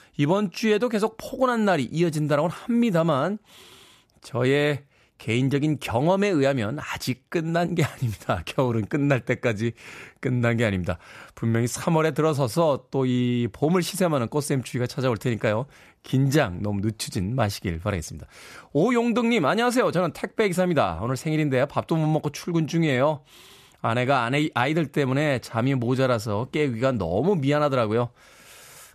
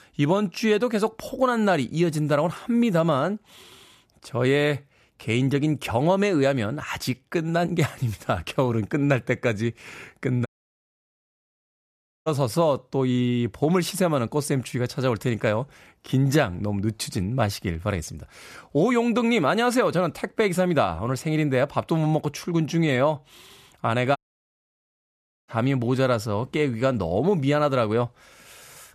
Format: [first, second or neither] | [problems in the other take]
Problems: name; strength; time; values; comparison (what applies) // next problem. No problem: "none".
first | audio cutting out; at 10 s for 2 s and at 24 s for 1.5 s